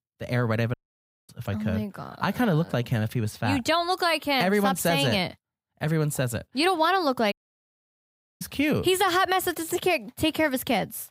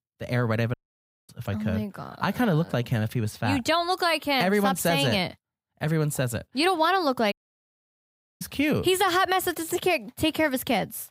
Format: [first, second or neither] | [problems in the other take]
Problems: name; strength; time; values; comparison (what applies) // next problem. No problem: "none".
neither | audio cutting out; at 0.5 s for 0.5 s and at 7.5 s for 1 s; the same in both